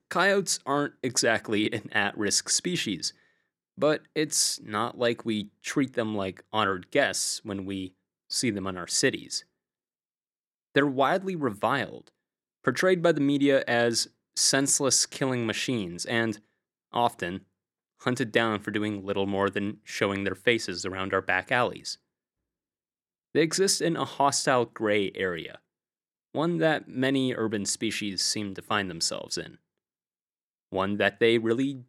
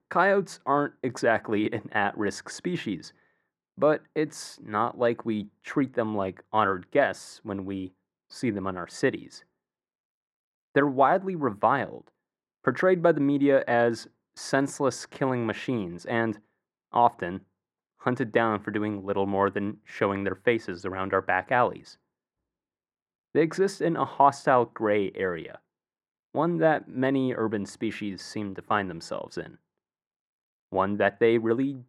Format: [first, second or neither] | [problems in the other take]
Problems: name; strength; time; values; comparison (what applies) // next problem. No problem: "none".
first | muffled; very; fading above 3 kHz